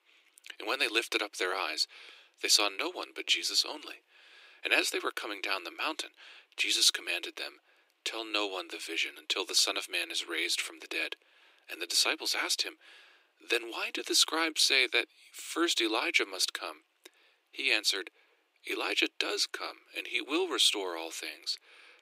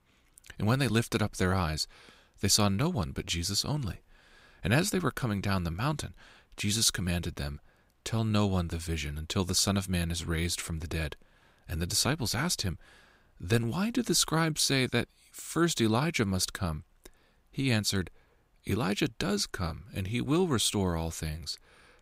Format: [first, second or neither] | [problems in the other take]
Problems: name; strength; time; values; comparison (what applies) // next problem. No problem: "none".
second | thin; very; fading below 300 Hz